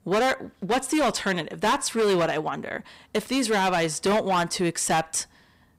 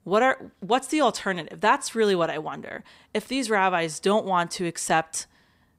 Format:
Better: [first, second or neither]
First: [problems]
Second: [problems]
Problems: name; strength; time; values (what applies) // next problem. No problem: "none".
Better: second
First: distortion; heavy; 14% of the sound clipped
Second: none